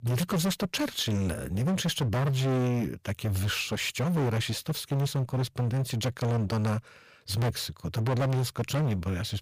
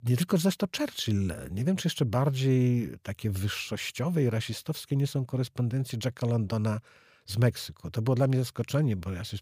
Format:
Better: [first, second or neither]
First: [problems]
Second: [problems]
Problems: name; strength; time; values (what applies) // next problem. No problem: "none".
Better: second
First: distortion; heavy; 24% of the sound clipped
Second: none